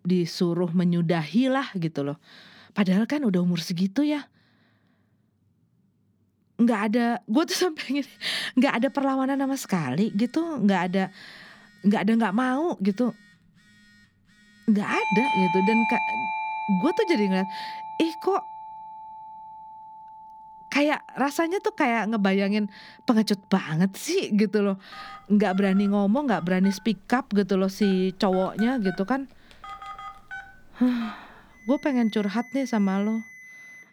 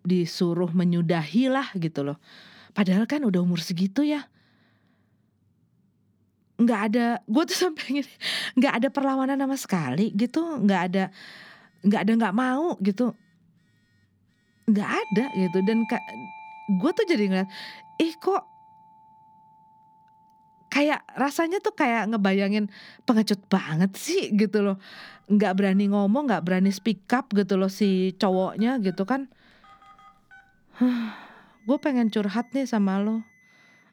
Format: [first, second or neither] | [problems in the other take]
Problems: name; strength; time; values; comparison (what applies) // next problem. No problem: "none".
second | alarms or sirens; loud; from 8 s on; 9 dB below the speech; faint in the second